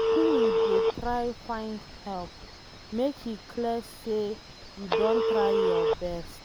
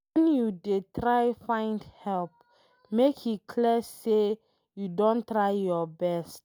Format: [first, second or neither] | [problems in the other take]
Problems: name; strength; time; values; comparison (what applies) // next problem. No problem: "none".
second | background sound (Telephone); 3 dB above the speech